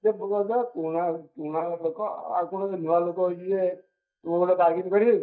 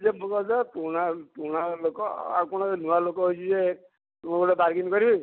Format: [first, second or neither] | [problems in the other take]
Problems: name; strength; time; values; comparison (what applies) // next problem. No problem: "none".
second | noise reduction (neural mask model DeepFilterNet 3)